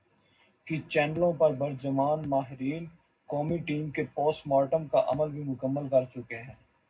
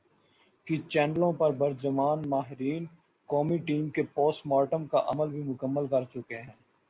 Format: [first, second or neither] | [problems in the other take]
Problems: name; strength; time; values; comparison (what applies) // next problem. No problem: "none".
second | room echo; dies away in 0.3 s